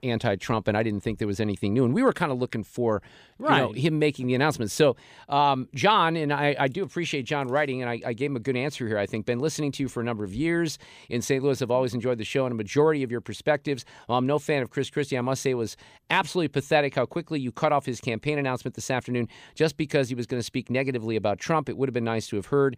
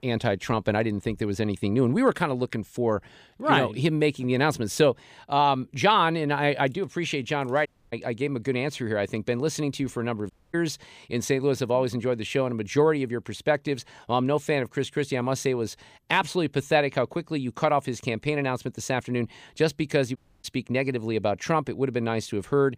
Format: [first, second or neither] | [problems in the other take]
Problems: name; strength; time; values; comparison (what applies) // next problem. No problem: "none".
first | audio cutting out; at 7.5 s, at 10 s and at 20 s